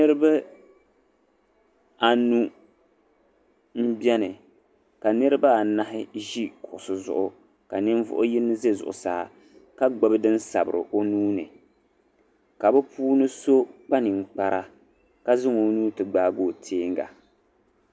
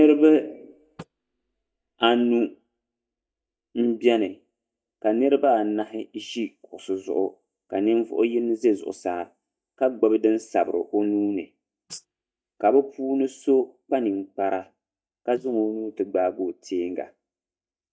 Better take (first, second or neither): first